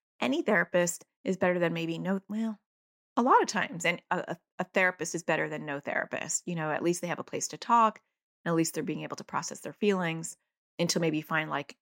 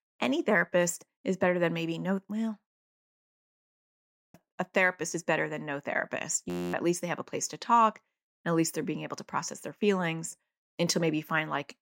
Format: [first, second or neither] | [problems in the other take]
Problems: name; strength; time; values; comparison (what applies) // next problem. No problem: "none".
first | audio freezing; at 3 s for 1 s and at 6.5 s